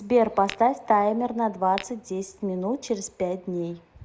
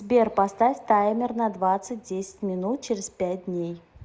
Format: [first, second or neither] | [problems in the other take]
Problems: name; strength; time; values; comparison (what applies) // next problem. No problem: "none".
second | background sound (Tap / Glass); 16 dB below the speech